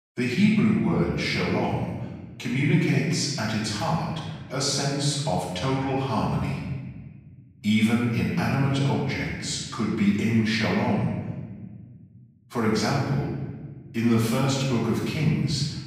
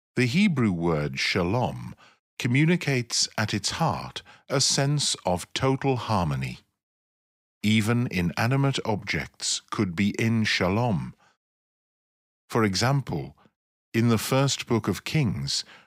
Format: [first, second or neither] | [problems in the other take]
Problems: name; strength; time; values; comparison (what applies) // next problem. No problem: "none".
second | off-mic speech; far // room echo; strong; dies away in 1.4 s